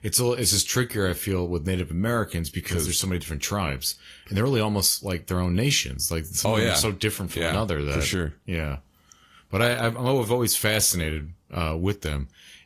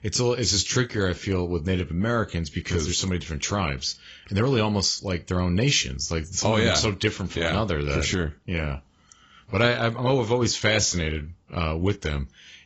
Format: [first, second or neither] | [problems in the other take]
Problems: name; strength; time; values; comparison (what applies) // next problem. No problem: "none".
first | garbled, watery; badly; nothing above 7.5 kHz; slightly in the first